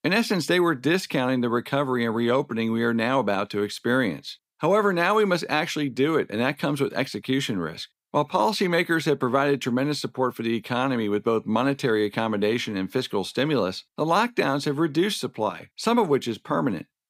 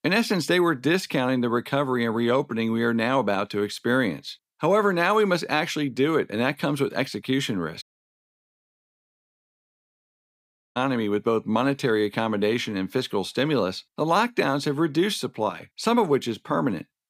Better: first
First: none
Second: audio cutting out; at 8 s for 3 s

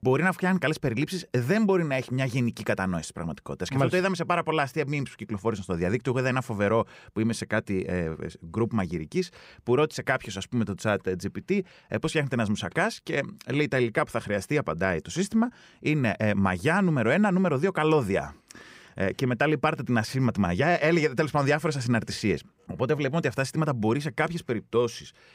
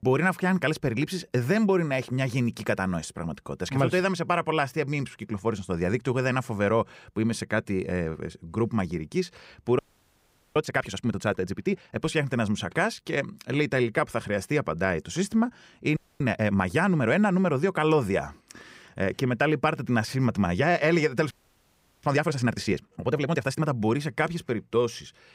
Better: first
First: none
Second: audio freezing; at 10 s for 1 s, at 16 s and at 21 s for 0.5 s

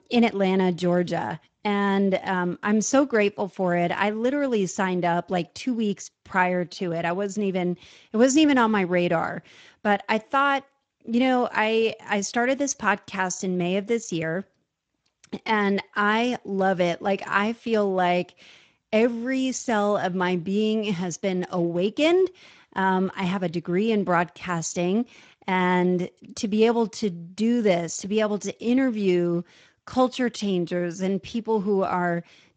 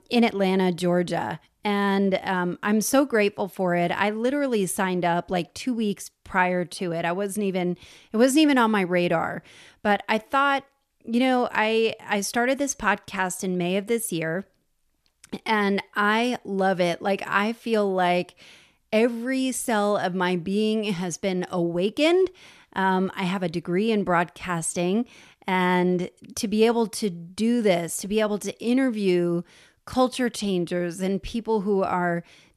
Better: second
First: garbled, watery; slightly; nothing above 7.5 kHz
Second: none

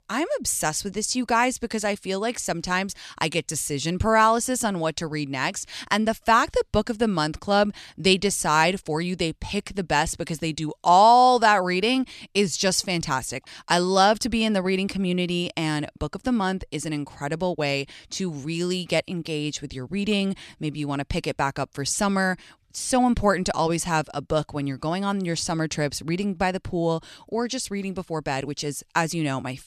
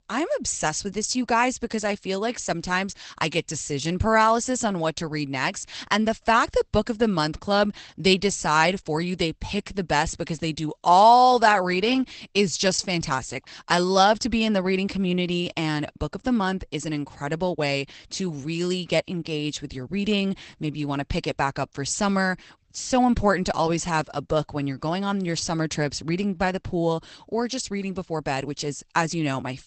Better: first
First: none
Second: garbled, watery; badly; nothing above 8 kHz

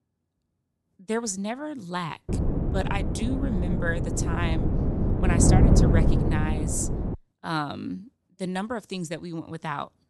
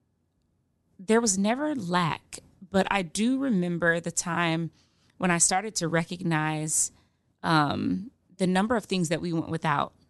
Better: second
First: wind noise on the microphone; heavy; from 2.5 to 7 s; as loud as the speech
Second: none

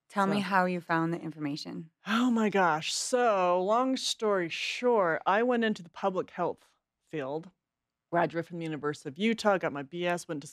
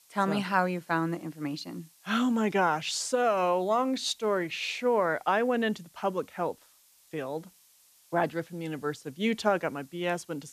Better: first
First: none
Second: hiss; faint; throughout; 30 dB below the speech

